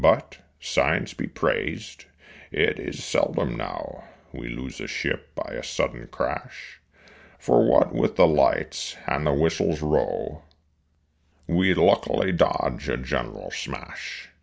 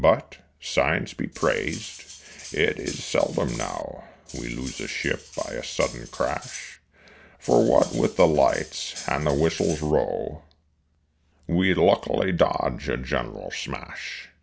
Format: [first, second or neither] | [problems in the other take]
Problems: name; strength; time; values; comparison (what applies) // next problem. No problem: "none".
first | background sound (Cutlery, silverware); 16 dB below the speech